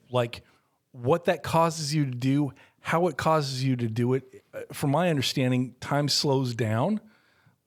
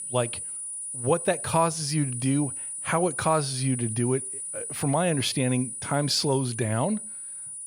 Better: first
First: none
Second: high-pitched whine; loud; throughout; 9.5 kHz, 6 dB below the speech

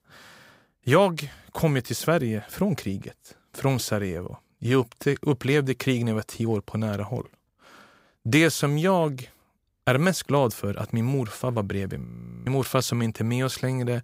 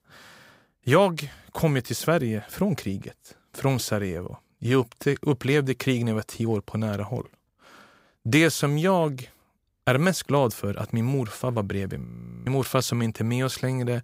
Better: neither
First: audio freezing; at 12 s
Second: audio freezing; at 12 s

